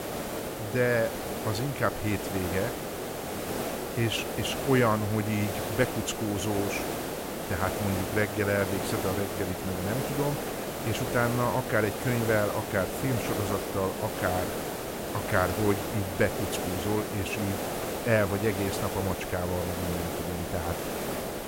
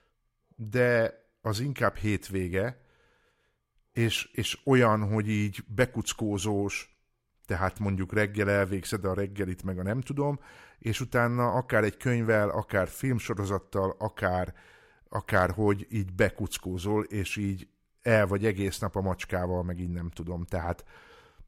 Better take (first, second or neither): second